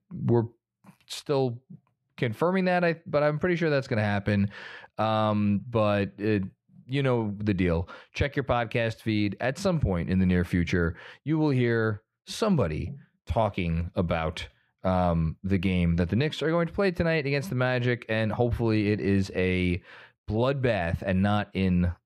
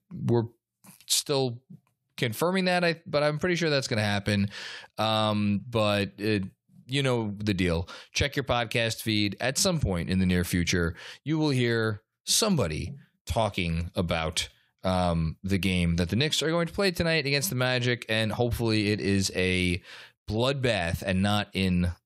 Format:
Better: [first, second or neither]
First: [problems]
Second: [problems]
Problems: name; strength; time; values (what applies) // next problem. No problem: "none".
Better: second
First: muffled; slightly; fading above 3.5 kHz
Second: none